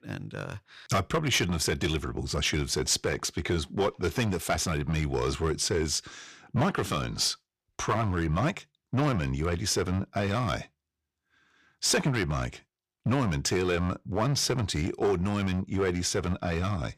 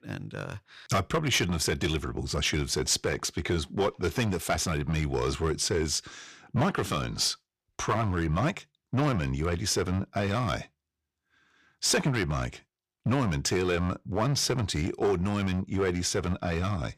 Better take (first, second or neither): neither